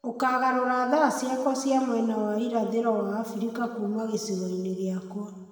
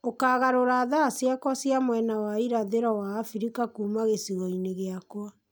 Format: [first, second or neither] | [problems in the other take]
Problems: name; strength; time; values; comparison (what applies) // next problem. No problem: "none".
second | room echo; dies away in 1.8 s